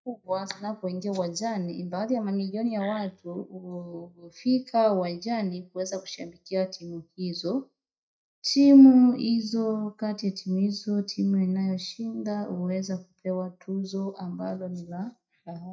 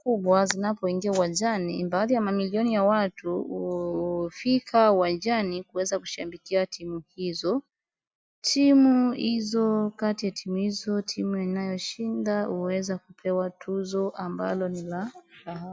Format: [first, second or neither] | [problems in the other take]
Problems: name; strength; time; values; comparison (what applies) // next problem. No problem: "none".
second | noise reduction (neural mask model DeepFilterNet 3)